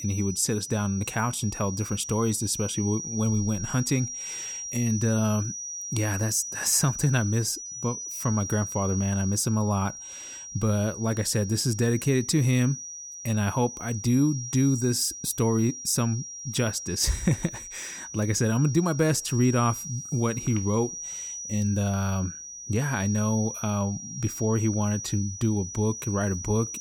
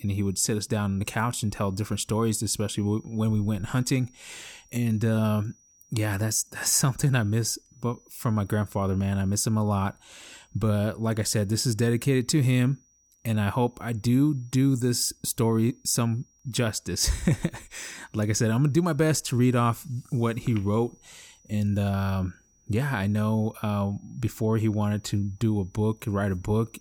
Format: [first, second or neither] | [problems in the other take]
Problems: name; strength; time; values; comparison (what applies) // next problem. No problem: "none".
second | high-pitched whine; loud; throughout; 5.5 kHz, 8 dB below the speech; faint in the second